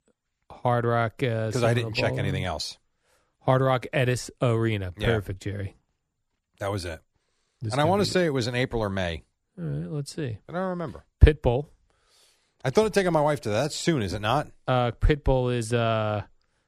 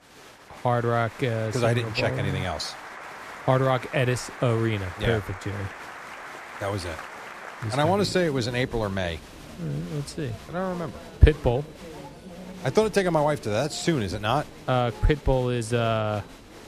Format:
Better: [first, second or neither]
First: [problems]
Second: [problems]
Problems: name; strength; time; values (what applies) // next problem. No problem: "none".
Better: first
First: none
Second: crowd noise; noticeable; throughout; 15 dB below the speech